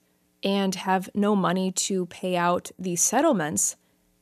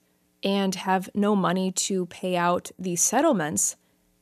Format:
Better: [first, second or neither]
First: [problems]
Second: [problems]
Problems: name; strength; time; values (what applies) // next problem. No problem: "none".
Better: neither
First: none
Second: none